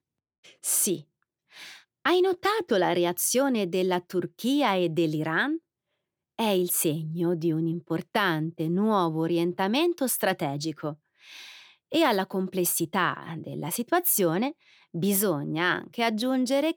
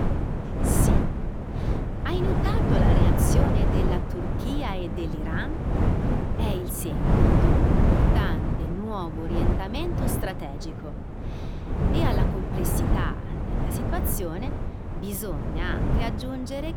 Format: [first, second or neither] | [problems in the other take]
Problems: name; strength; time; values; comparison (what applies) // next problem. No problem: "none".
first | wind noise on the microphone; heavy; 2 dB above the speech